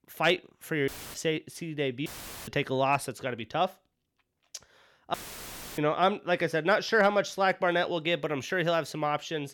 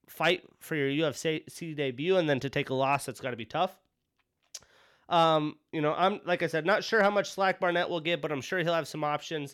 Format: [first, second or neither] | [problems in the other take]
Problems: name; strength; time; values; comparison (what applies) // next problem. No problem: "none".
second | audio cutting out; filled with static; at 1 s, at 2 s and at 5 s for 0.5 s